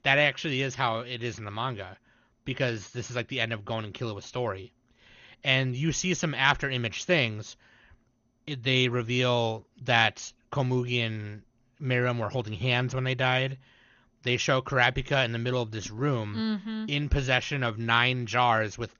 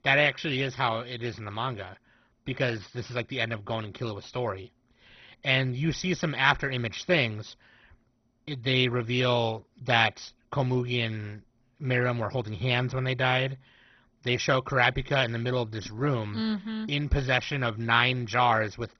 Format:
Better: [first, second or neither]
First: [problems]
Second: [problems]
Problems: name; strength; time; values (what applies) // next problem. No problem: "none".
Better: first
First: garbled, watery; slightly; nothing above 6.5 kHz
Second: garbled, watery; badly; nothing above 6 kHz